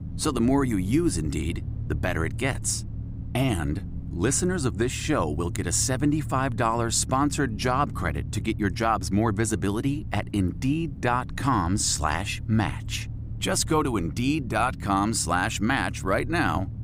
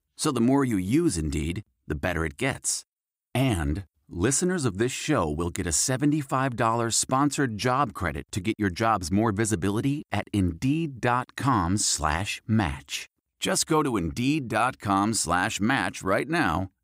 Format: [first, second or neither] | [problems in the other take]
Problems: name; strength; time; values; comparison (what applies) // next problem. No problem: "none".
second | low rumble; faint; throughout; 20 dB below the speech